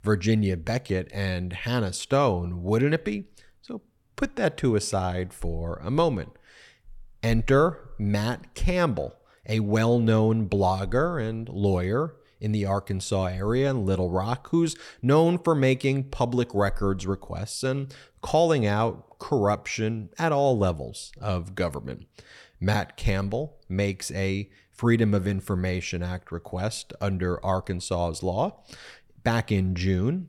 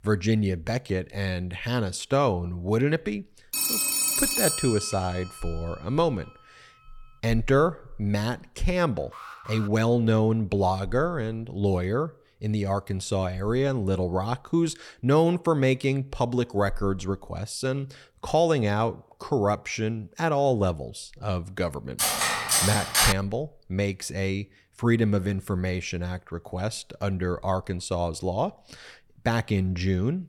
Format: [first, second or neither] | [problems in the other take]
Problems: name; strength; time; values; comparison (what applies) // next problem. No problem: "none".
first | phone ringing; loud; from 3.5 to 5 s; peak 5 dB above the speech // alarm; faint; at 9 s; peak 15 dB below the speech // clattering dishes; loud; from 22 to 23 s; peak 6 dB above the speech